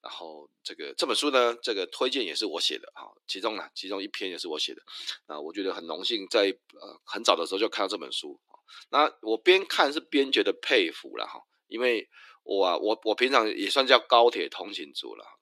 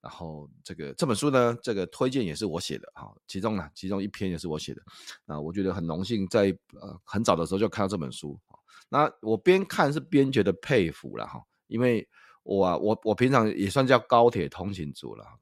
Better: second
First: thin; somewhat; fading below 300 Hz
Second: none

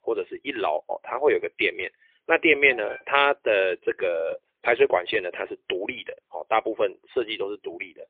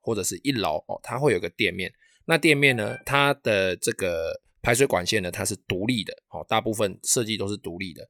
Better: second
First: phone-call audio; poor line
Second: none

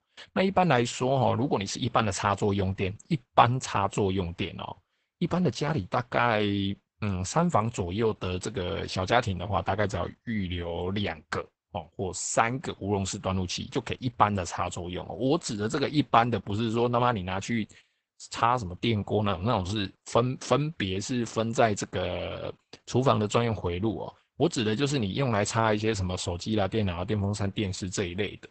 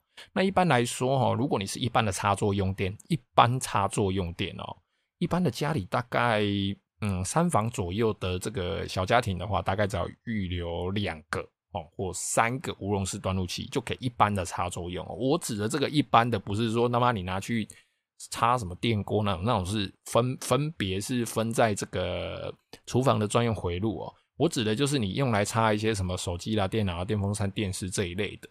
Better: second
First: garbled, watery; badly; nothing above 8 kHz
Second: none

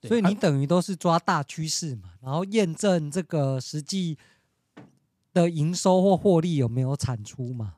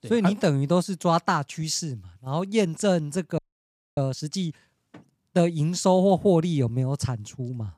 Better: first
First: none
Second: audio freezing; at 3.5 s for 0.5 s

